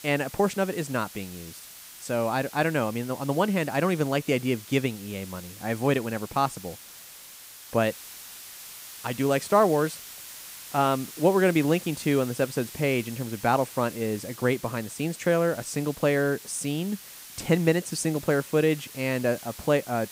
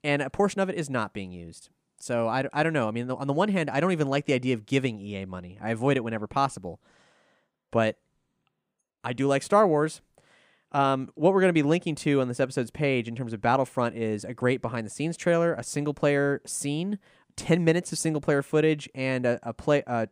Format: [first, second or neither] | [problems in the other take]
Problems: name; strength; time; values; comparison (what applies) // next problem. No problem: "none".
second | hiss; noticeable; throughout; 15 dB below the speech